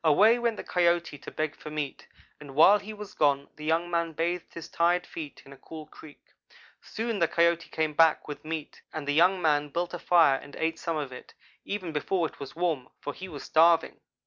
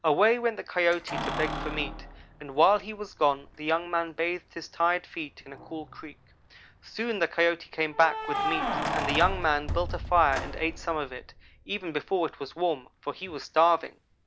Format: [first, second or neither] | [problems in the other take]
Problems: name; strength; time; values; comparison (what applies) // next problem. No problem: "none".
first | background sound (Keys jangling); 9 dB below the speech